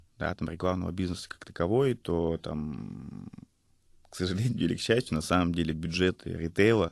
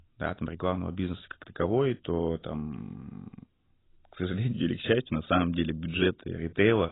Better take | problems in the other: first | garbled, watery; badly; nothing above 3.5 kHz; slightly in the first

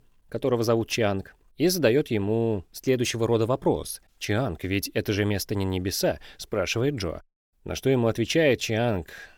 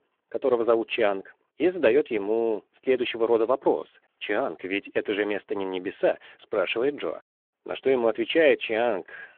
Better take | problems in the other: first | phone-call audio

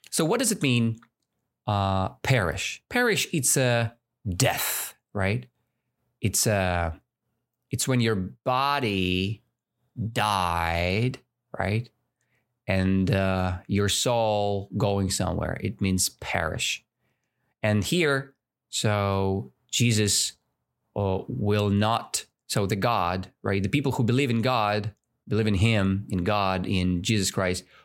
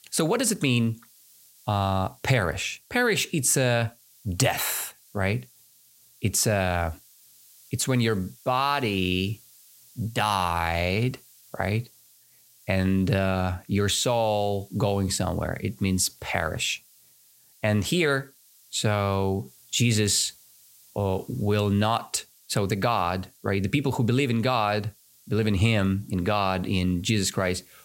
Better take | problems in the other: first | hiss; faint; throughout; 25 dB below the speech

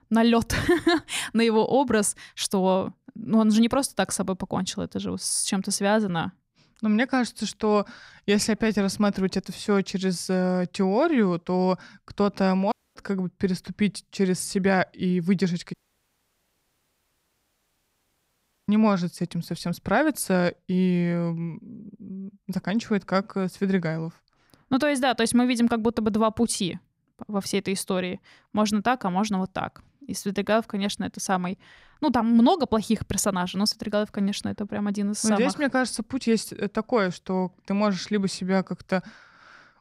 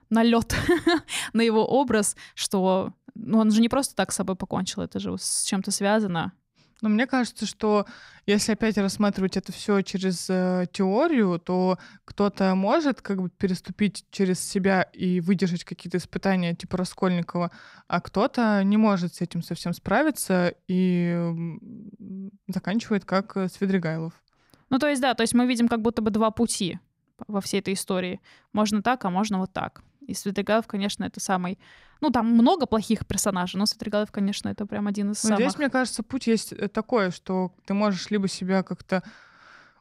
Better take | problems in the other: second | audio cutting out; at 13 s and at 16 s for 3 s

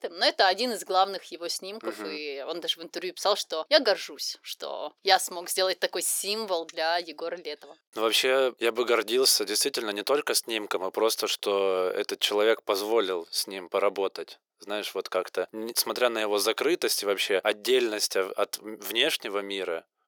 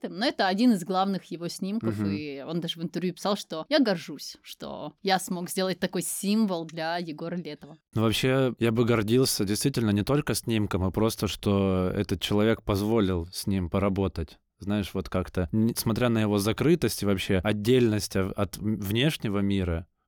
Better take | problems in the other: second | thin; very; fading below 450 Hz

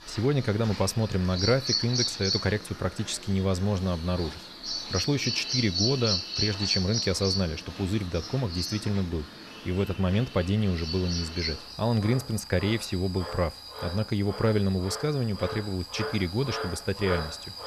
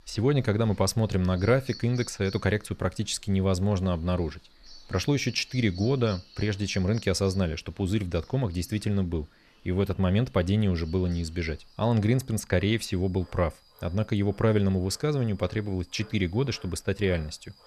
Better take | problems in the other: second | animal sounds; loud; throughout; 4 dB below the speech; faint in the second

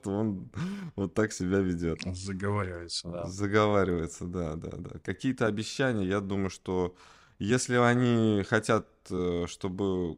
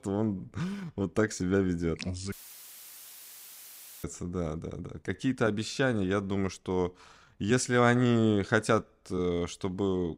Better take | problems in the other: first | audio cutting out; filled with static; at 2.5 s for 1.5 s

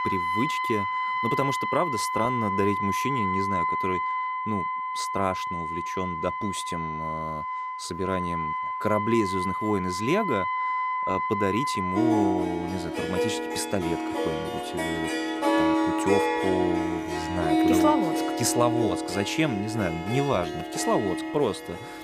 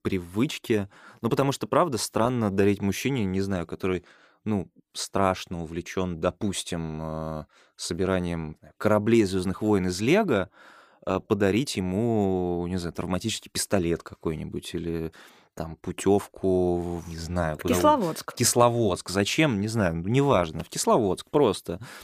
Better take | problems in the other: second | background music; very loud; throughout; 1 dB above the speech

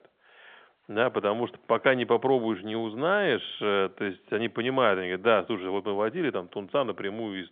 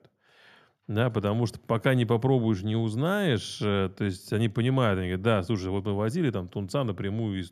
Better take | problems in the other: second | phone-call audio; nothing above 3.5 kHz

